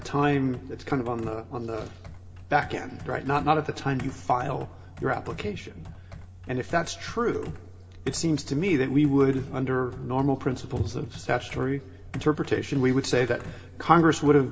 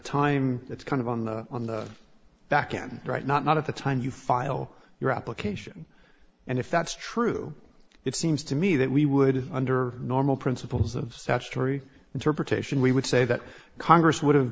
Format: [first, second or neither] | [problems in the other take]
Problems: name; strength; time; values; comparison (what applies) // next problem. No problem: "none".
second | background sound (Computer keyboard); 16 dB below the speech // room echo; dies away in 1.9 s